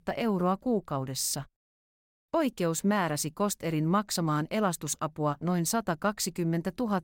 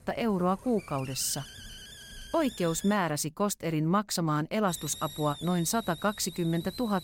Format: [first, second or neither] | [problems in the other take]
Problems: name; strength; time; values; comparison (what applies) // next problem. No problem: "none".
first | hiss; noticeable; until 3 s and from 4.5 s on; 15 dB below the speech